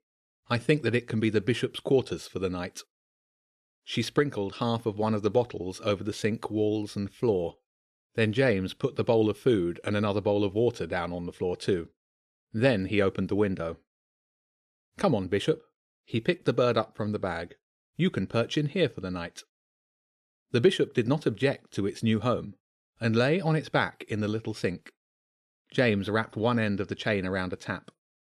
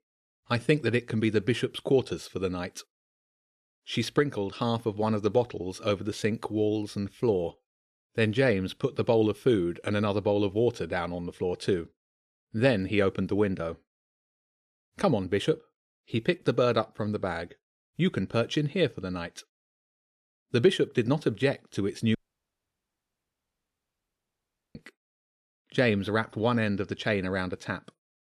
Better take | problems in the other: first | audio cutting out; at 22 s for 2.5 s

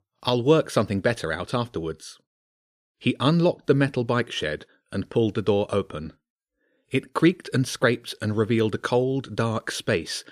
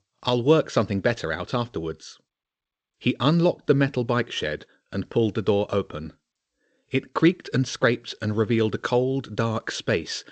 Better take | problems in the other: first | garbled, watery; slightly

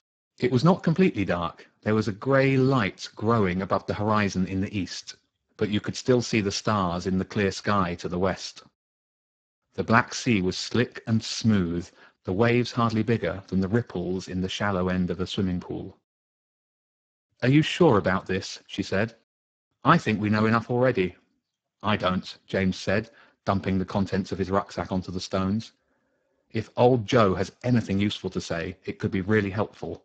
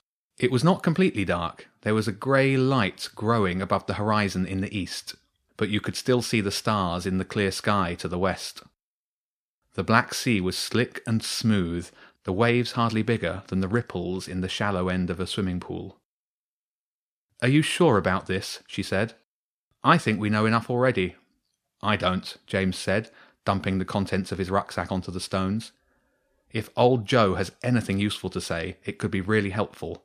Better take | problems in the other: second | garbled, watery; badly; nothing above 7.5 kHz

